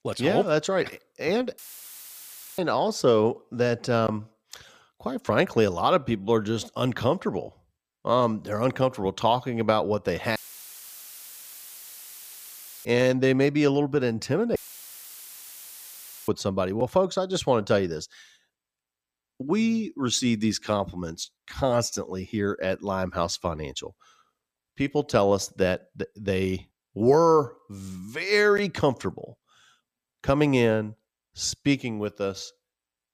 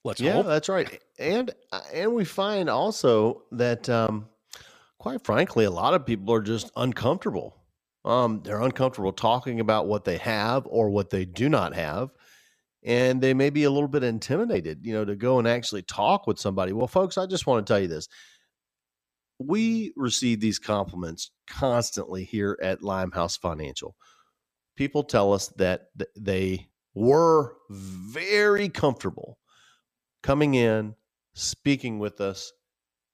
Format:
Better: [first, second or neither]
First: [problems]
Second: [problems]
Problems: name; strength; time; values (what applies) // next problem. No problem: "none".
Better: second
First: audio cutting out; filled with static; at 1.5 s for 1 s, at 10 s for 2.5 s and at 15 s for 1.5 s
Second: none